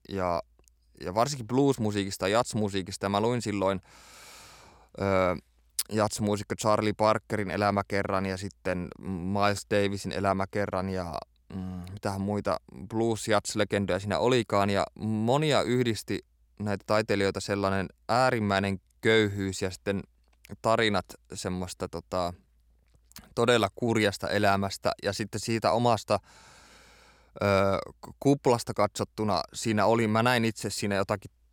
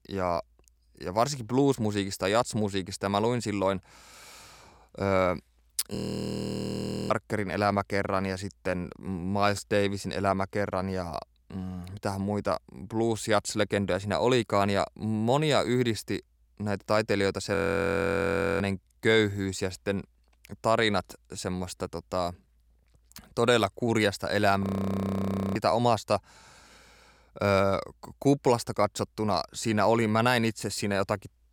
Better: first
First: none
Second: audio freezing; at 6 s for 1 s, at 18 s for 1 s and at 25 s for 1 s

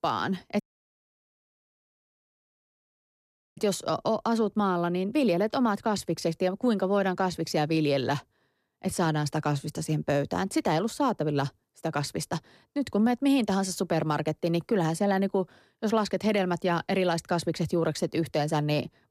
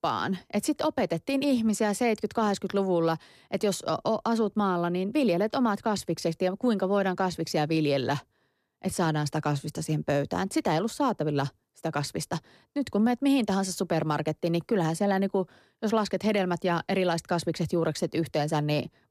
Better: second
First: audio cutting out; at 0.5 s for 3 s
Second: none

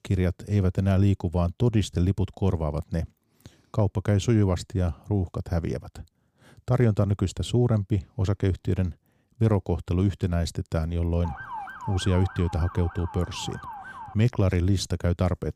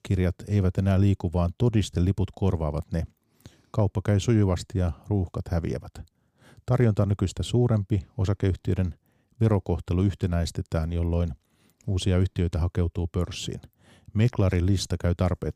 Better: second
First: siren; faint; from 11 to 14 s; peak 10 dB below the speech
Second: none

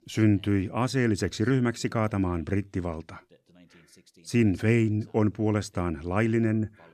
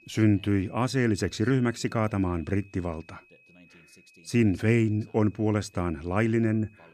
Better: first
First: none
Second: high-pitched whine; faint; throughout; 2.5 kHz, 30 dB below the speech

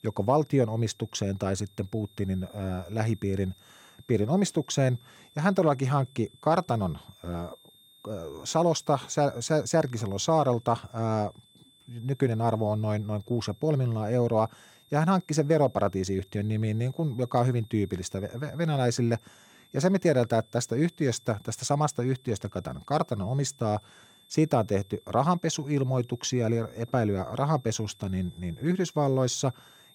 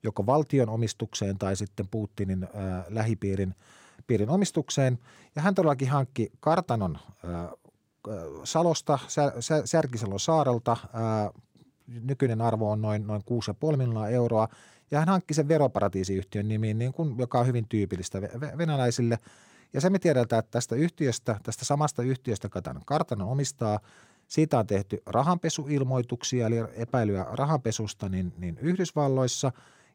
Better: second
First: high-pitched whine; faint; throughout; 3.5 kHz, 30 dB below the speech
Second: none

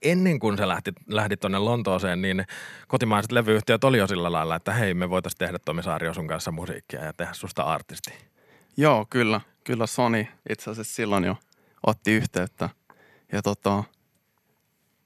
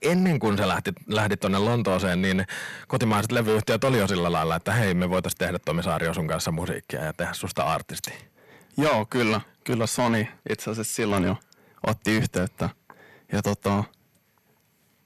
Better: first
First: none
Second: distortion; heavy; 7 dB below the speech

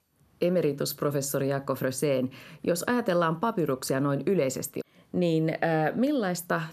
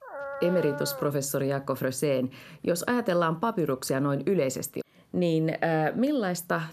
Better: first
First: none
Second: dog barking; noticeable; until 1 s; peak 8 dB below the speech

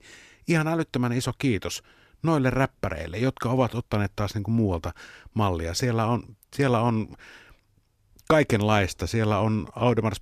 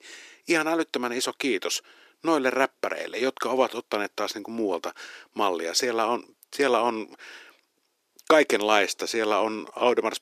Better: first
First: none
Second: thin; somewhat; fading below 350 Hz

